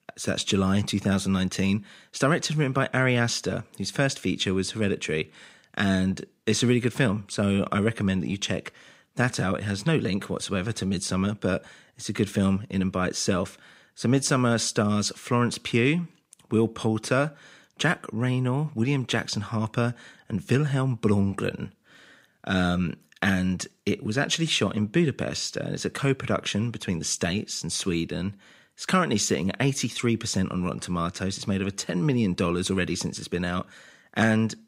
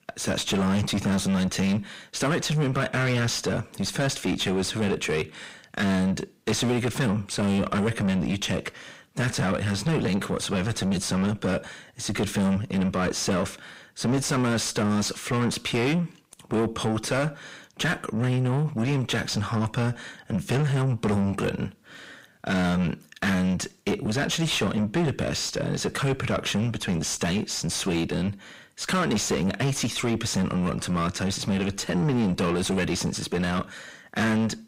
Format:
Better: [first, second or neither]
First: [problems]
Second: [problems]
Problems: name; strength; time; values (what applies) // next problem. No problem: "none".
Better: first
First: none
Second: distortion; heavy; 6 dB below the speech